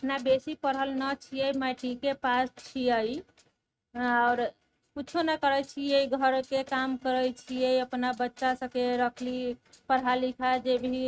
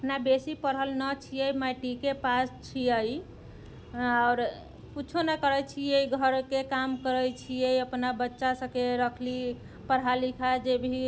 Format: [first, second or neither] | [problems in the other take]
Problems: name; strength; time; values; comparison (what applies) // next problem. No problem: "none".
second | noise reduction (neural mask model RNNoise)